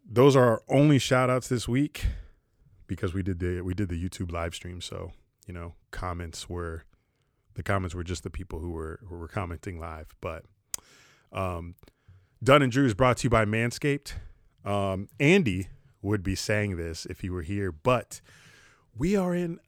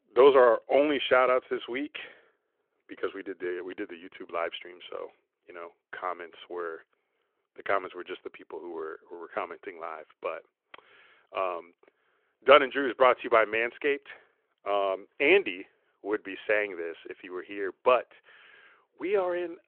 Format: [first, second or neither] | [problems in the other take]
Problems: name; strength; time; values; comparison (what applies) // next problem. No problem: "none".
first | phone-call audio